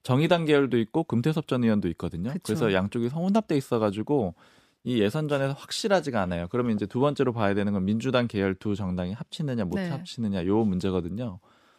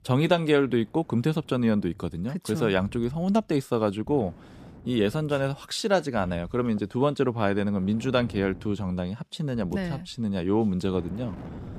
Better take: first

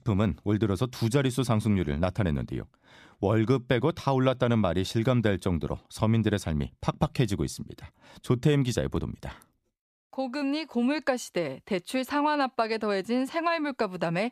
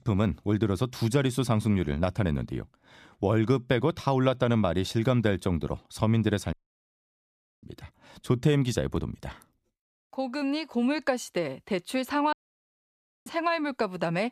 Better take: first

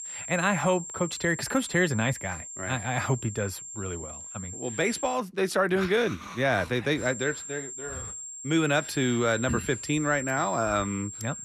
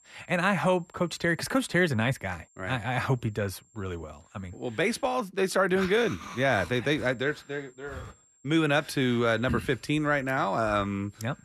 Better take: second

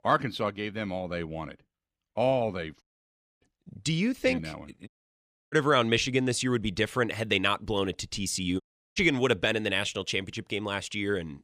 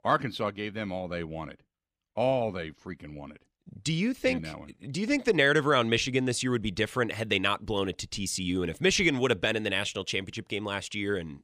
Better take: second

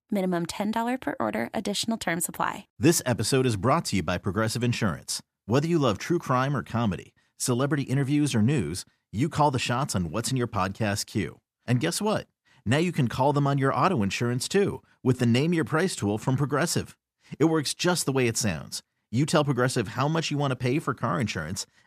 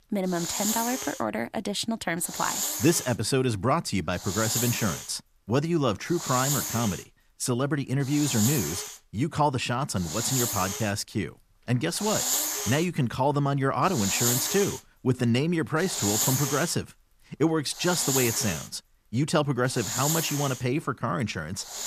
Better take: first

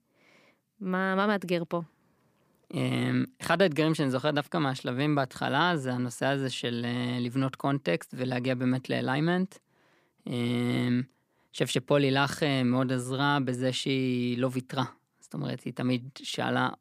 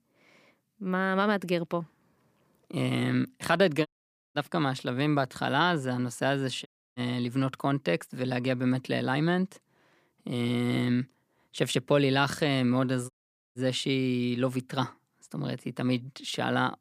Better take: first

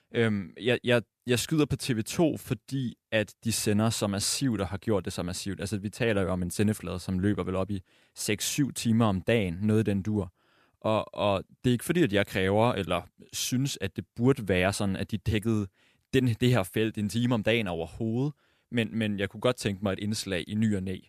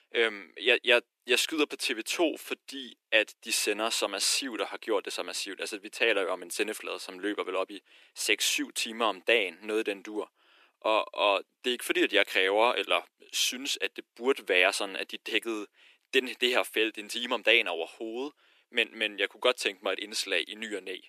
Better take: first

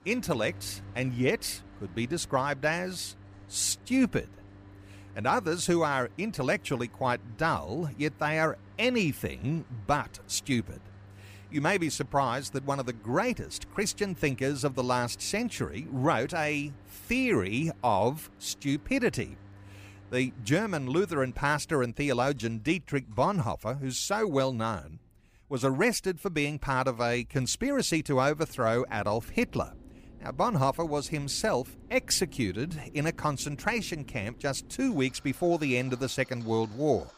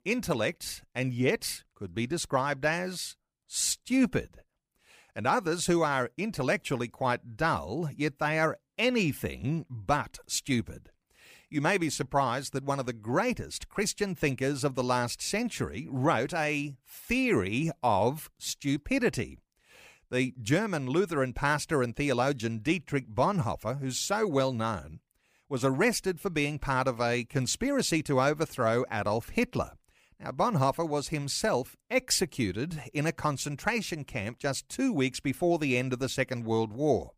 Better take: second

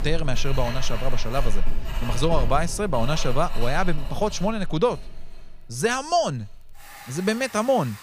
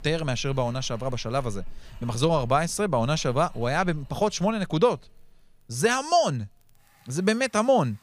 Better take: second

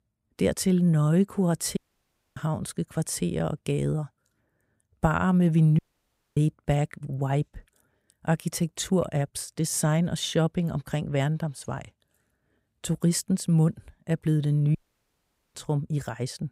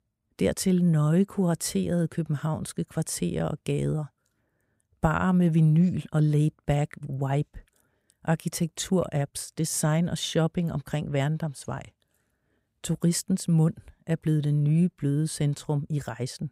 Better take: second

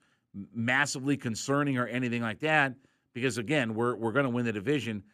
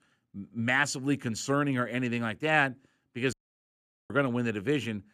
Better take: first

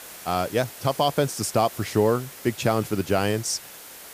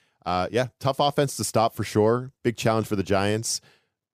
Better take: second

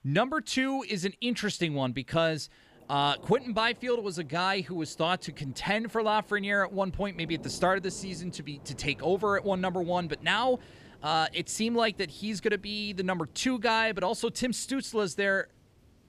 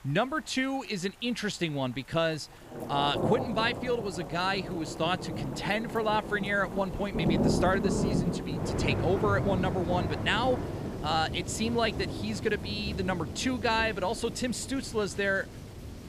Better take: first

